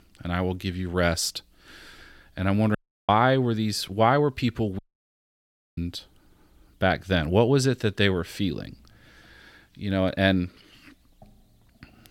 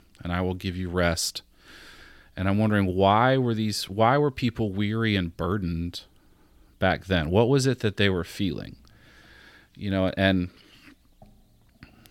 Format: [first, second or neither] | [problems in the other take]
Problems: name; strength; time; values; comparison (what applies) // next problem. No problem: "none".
second | audio cutting out; at 3 s and at 5 s for 1 s